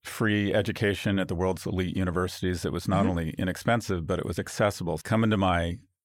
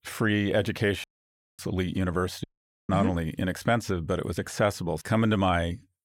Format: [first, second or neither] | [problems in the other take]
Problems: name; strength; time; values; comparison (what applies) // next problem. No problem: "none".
first | audio cutting out; at 1 s for 0.5 s and at 2.5 s